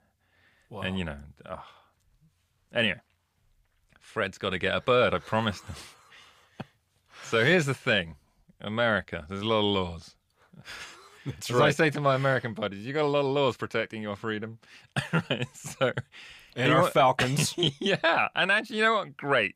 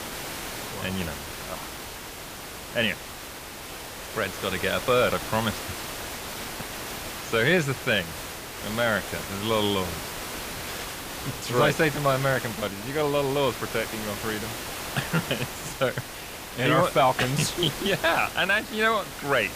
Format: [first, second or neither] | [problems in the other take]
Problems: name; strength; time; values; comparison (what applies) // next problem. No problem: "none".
first | hiss; loud; throughout; 8 dB below the speech